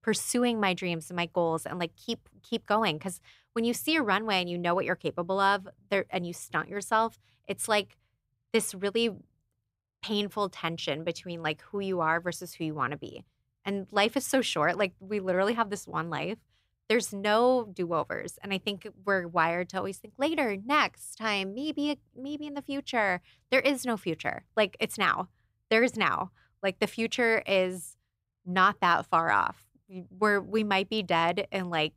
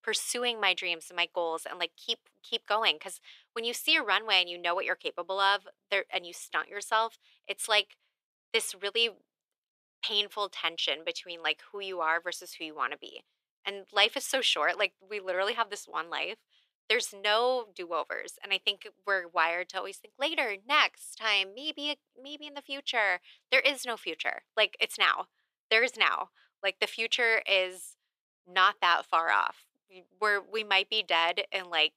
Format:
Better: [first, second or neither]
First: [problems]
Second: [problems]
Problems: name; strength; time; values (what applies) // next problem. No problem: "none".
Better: first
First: none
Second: thin; very; fading below 400 Hz